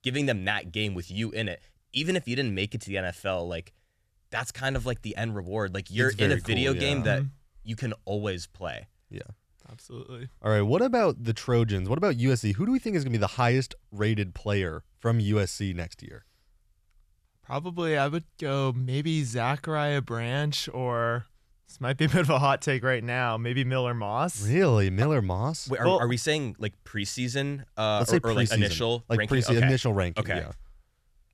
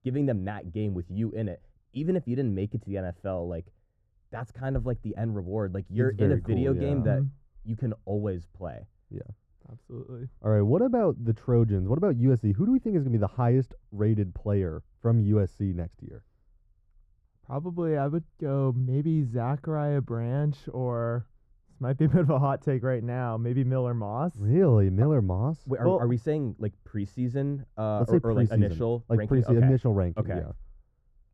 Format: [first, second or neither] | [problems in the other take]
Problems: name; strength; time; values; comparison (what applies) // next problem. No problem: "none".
first | muffled; very; fading above 1 kHz